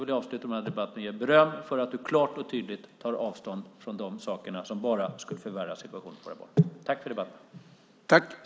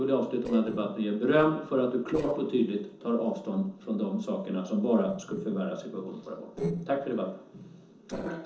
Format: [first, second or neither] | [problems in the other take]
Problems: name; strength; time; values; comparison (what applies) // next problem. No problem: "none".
first | noise reduction (neural separator model SepFormer DNS4)